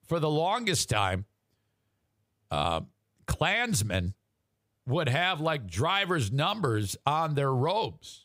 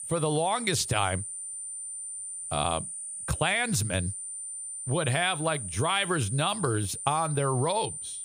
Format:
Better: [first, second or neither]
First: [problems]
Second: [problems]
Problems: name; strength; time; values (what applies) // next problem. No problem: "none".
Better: first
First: none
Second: high-pitched whine; loud; throughout; 9 kHz, 6 dB below the speech